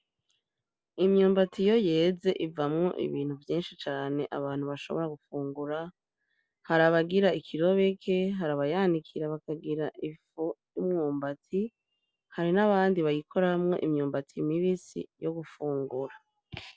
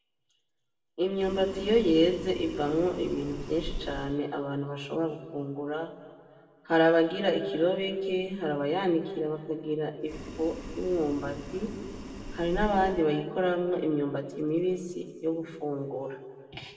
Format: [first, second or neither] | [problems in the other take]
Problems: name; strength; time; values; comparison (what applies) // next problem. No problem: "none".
first | background sound (Boiling); 10 dB below the speech // room echo; dies away in 1.7 s